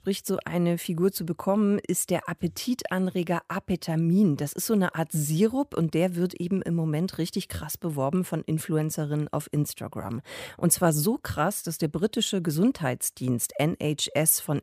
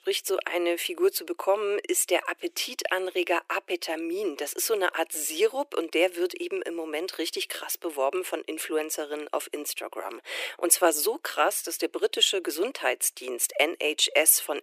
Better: first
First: none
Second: thin; very; fading below 350 Hz

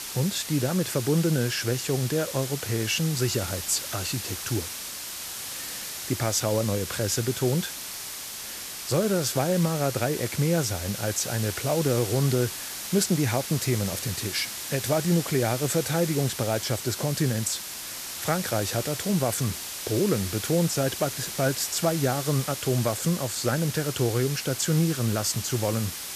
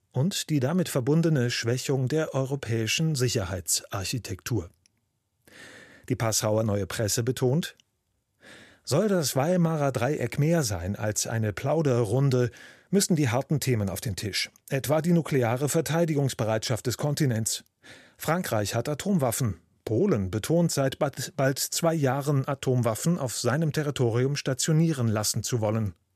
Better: second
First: hiss; loud; throughout; 6 dB below the speech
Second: none

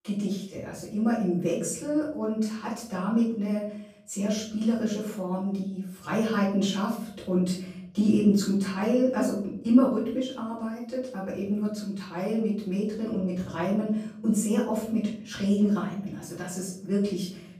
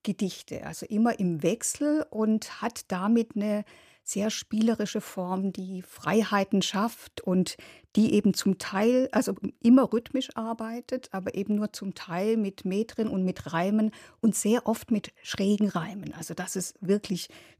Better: second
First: off-mic speech; far // room echo; noticeable; dies away in 0.7 s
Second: none

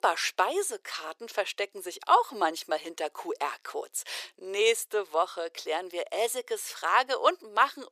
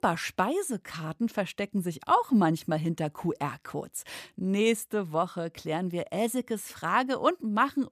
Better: second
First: thin; very; fading below 400 Hz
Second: none

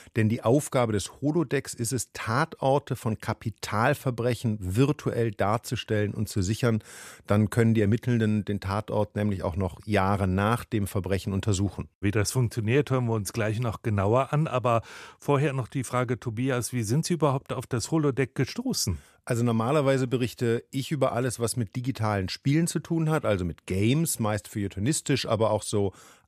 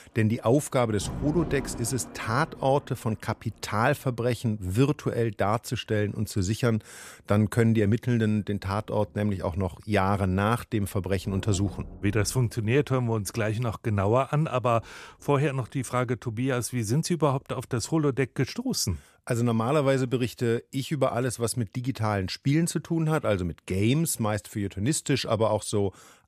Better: first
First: none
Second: rain or running water; noticeable; throughout; 15 dB below the speech

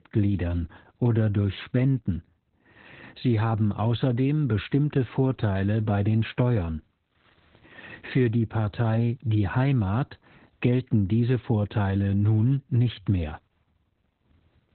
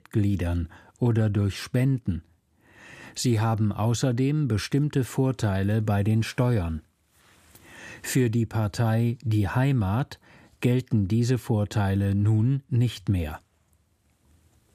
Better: second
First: garbled, watery; badly; nothing above 4 kHz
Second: none

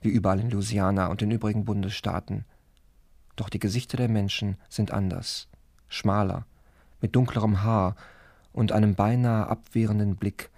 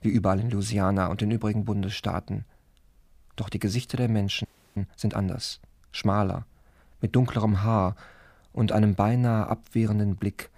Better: first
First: none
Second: audio freezing; at 4.5 s

